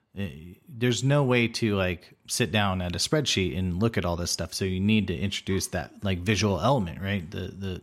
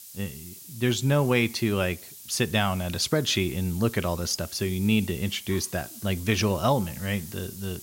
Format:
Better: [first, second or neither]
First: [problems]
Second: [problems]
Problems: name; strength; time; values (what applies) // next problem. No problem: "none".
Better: first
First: none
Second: hiss; noticeable; throughout; 15 dB below the speech